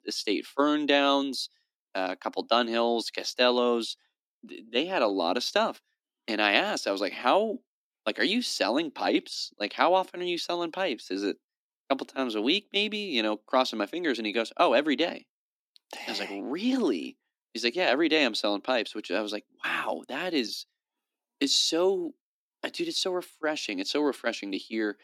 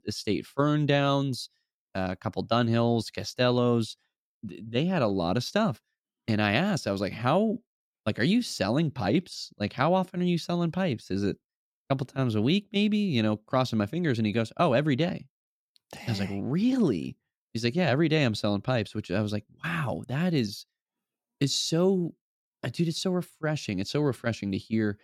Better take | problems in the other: second | thin; somewhat; fading below 250 Hz

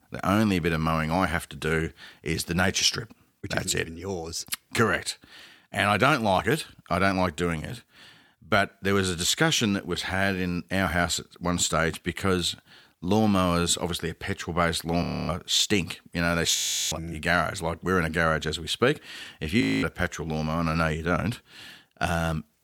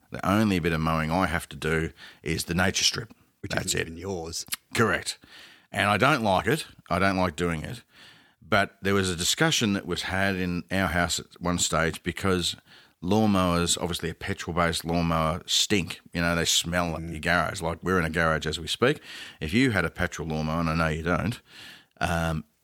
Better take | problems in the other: second | audio freezing; at 15 s, at 17 s and at 20 s

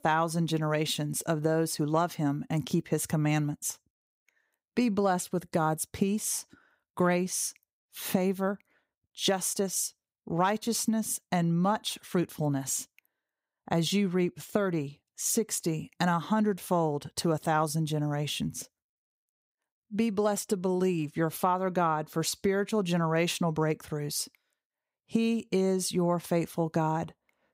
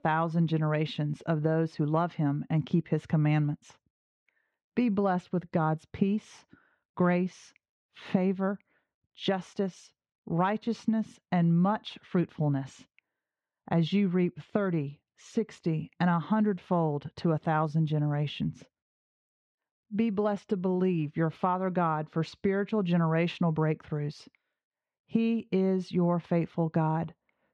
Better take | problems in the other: first | muffled; very; fading above 3 kHz

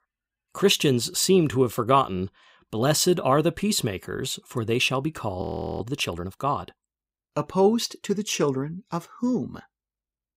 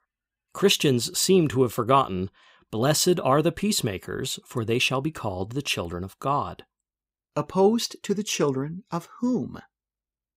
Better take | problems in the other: second | audio freezing; at 5.5 s

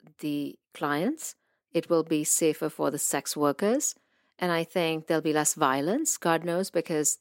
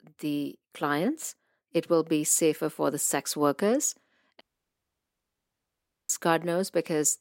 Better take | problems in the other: first | audio cutting out; at 4.5 s for 1.5 s

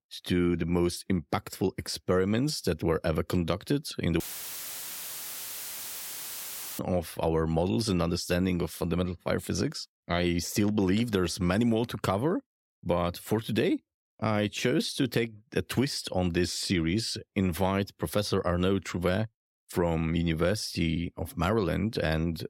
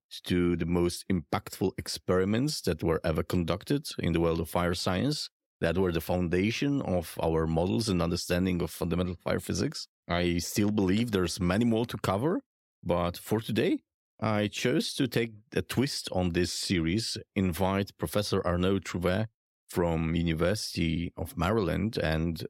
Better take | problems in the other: second | audio cutting out; filled with static; at 4 s for 2.5 s

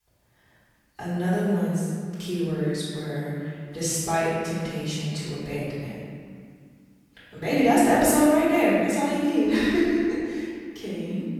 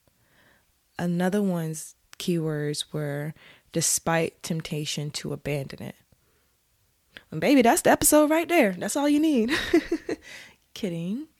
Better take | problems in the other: second | off-mic speech; far // room echo; strong; dies away in 2 s

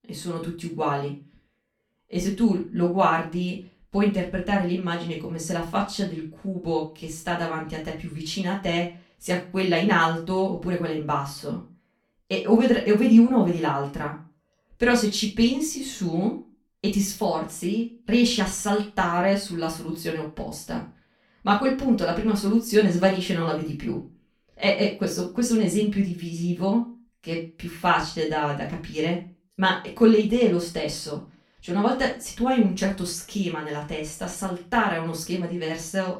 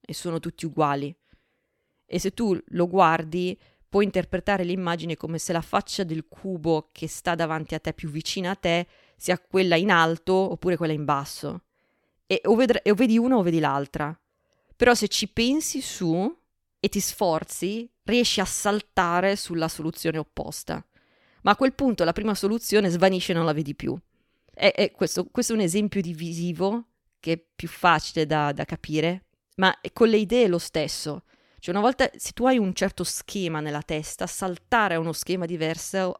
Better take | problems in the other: second | off-mic speech; far // room echo; slight; dies away in 0.3 s

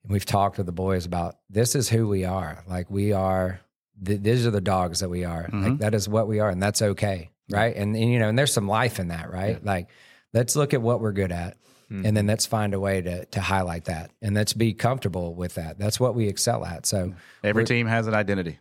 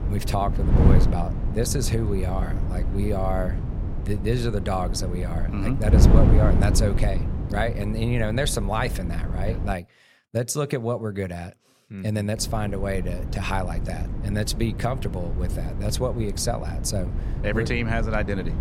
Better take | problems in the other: first | wind noise on the microphone; heavy; until 9.5 s and from 12 s on; 7 dB below the speech

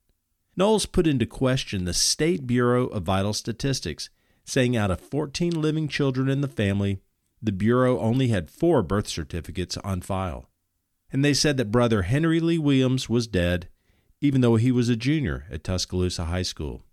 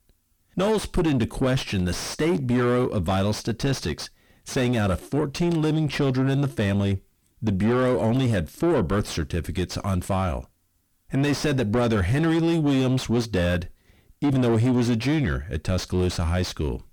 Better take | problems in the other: first | distortion; heavy; 6 dB below the speech

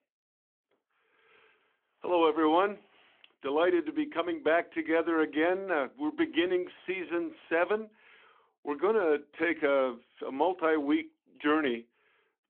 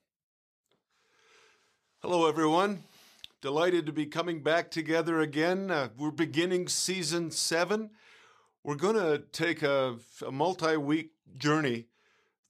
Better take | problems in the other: second | phone-call audio

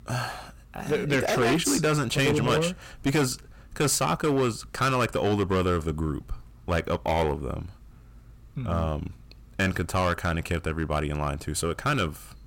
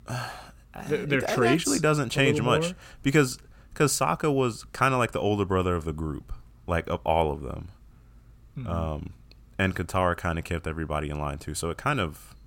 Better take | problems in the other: second | distortion; heavy; 9% of the sound clipped

